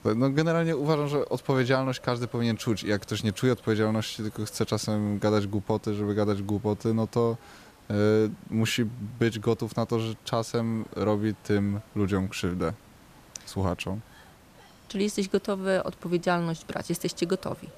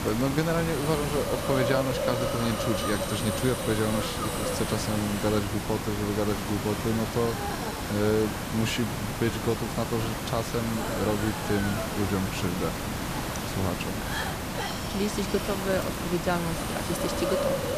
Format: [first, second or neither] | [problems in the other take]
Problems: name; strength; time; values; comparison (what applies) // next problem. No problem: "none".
first | hiss; loud; throughout; 1 dB below the speech; faint in the first